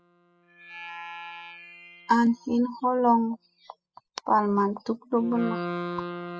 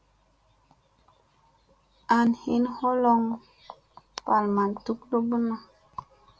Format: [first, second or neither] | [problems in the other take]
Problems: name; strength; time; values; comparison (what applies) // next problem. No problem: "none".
second | noise reduction (classical method spectral subtraction)